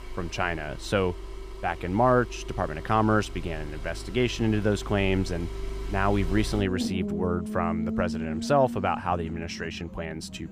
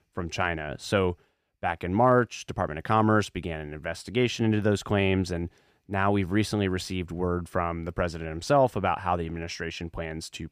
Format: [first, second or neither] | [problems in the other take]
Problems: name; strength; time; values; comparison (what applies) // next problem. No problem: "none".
second | traffic noise; loud; throughout; 8 dB below the speech